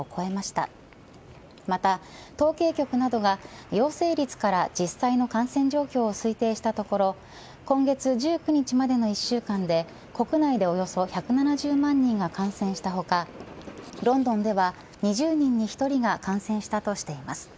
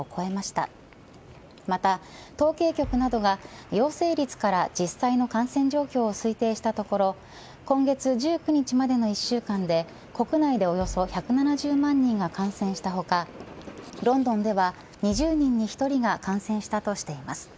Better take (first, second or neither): first